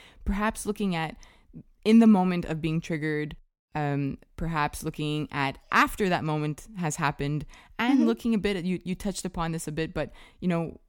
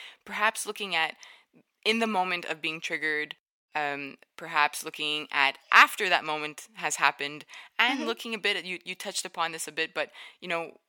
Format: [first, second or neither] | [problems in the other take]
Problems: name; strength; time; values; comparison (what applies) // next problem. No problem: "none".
first | thin; very; fading below 600 Hz